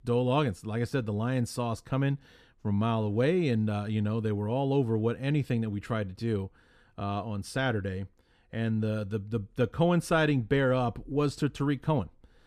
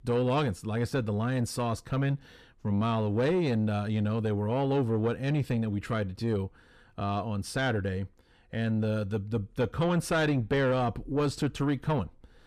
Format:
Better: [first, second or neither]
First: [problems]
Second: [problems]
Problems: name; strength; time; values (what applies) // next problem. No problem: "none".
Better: first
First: none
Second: distortion; slight; 10 dB below the speech